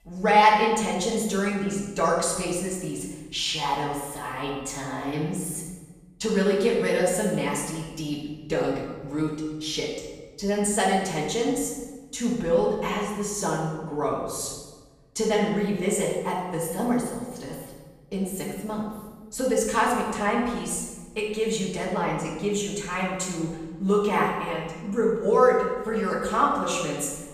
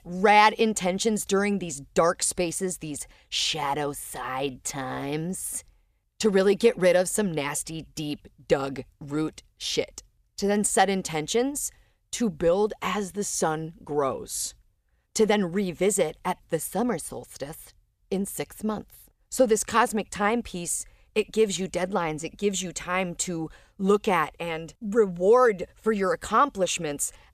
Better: second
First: room echo; noticeable; dies away in 1.1 s // off-mic speech; far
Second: none

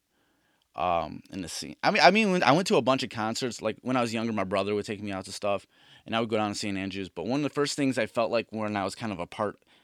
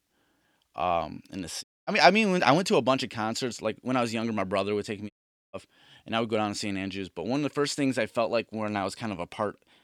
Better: first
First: none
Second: audio cutting out; at 1.5 s and at 5 s

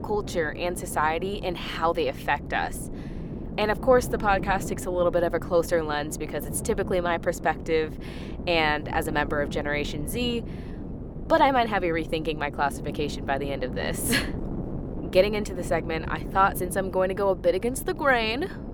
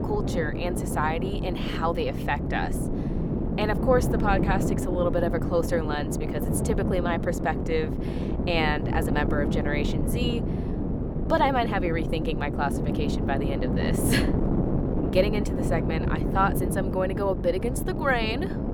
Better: first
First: wind noise on the microphone; occasional gusts; 15 dB below the speech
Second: wind noise on the microphone; heavy; 6 dB below the speech

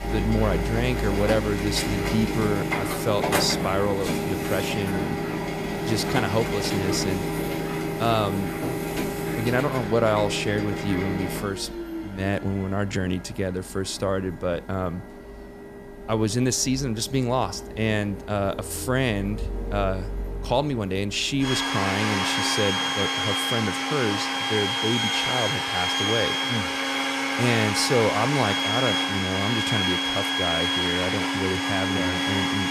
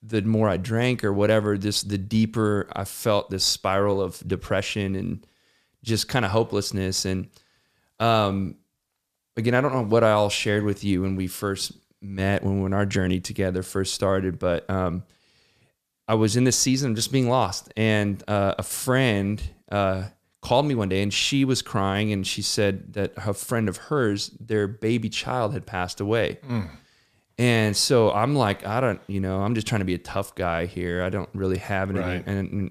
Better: second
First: household noises; very loud; throughout; 1 dB above the speech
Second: none

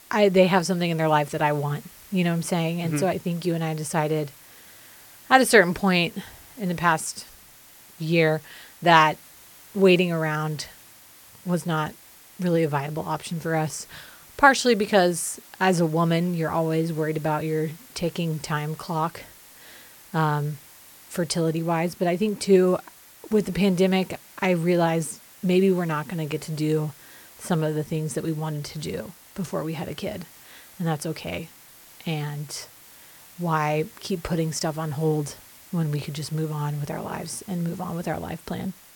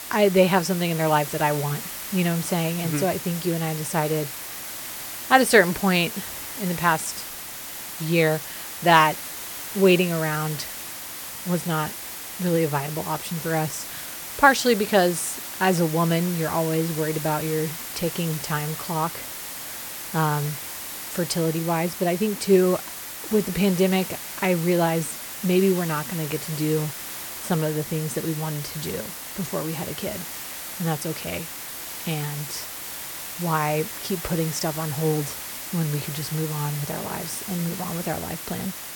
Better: first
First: hiss; faint; throughout; 20 dB below the speech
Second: hiss; loud; throughout; 8 dB below the speech

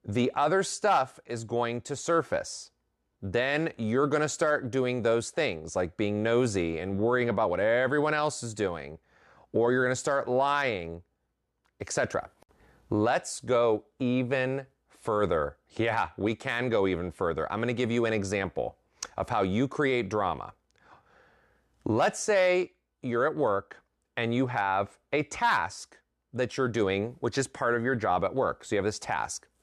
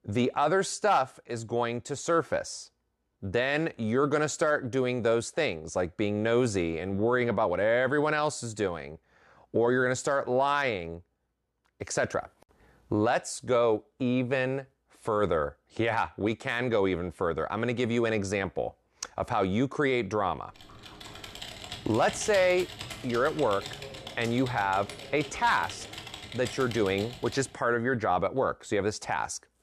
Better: first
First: none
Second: keyboard typing; noticeable; from 21 to 27 s; peak 9 dB below the speech

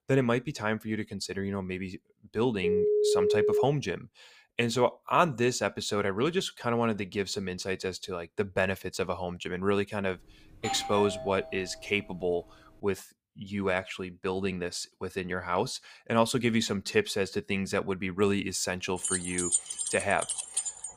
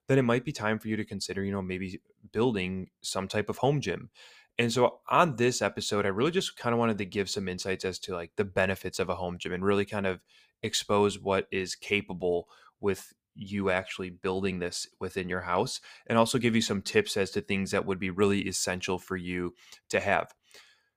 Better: second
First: phone ringing; loud; from 2.5 to 3.5 s; peak 5 dB above the speech // doorbell; noticeable; from 11 to 12 s; peak 5 dB below the speech // jangling keys; loud; from 19 s on; peak 3 dB above the speech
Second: none

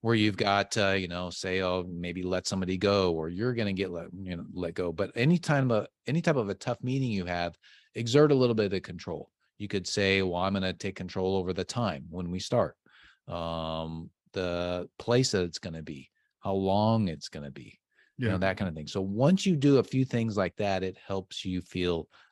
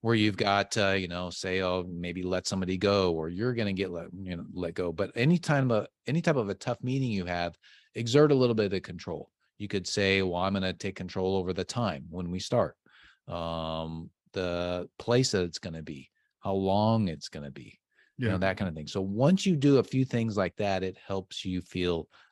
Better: neither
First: none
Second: none

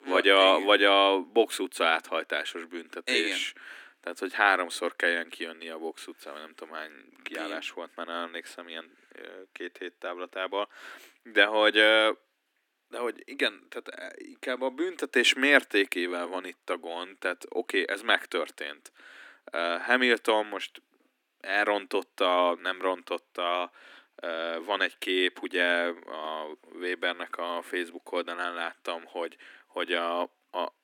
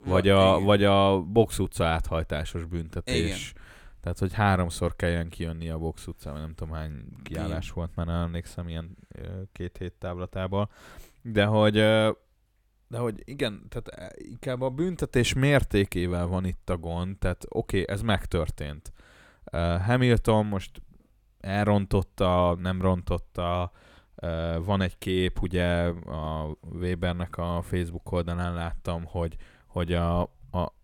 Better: second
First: thin; somewhat; fading below 250 Hz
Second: none

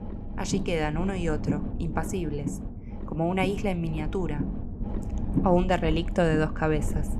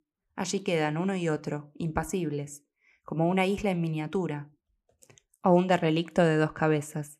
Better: second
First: low rumble; noticeable; throughout; 10 dB below the speech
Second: none

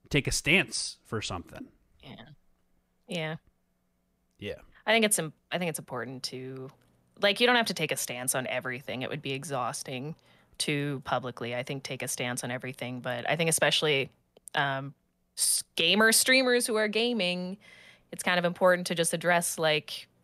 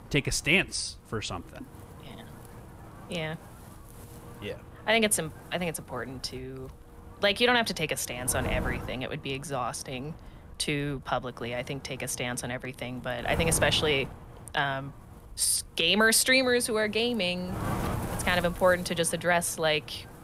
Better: first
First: none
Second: wind noise on the microphone; occasional gusts; 15 dB below the speech

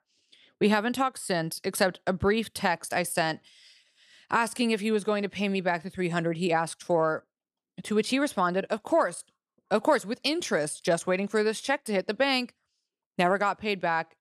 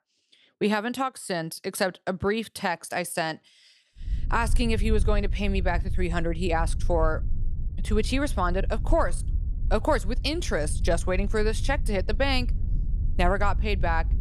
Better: first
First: none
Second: low rumble; faint; from 4 s on; 20 dB below the speech

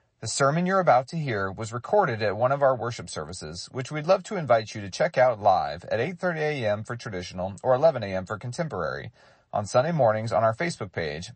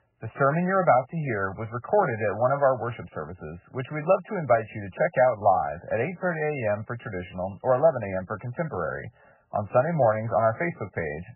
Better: first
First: garbled, watery; slightly; nothing above 8 kHz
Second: garbled, watery; badly; nothing above 2.5 kHz

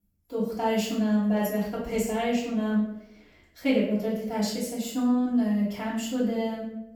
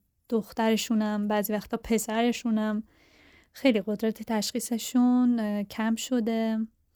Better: second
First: off-mic speech; far // room echo; noticeable; dies away in 0.7 s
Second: none

